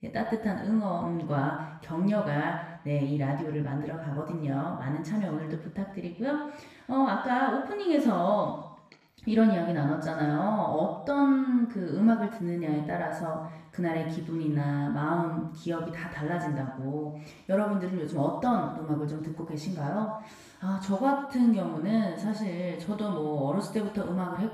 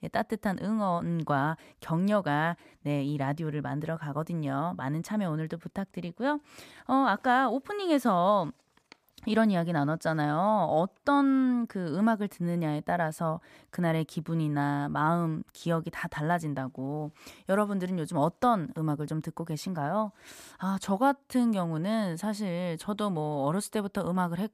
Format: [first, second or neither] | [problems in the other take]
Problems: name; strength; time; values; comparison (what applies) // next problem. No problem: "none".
second | room echo; noticeable; dies away in 0.8 s // off-mic speech; far